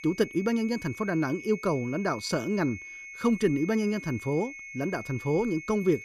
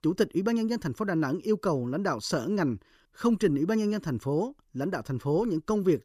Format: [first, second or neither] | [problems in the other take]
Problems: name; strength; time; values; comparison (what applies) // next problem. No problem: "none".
second | high-pitched whine; noticeable; throughout; 2 kHz, 15 dB below the speech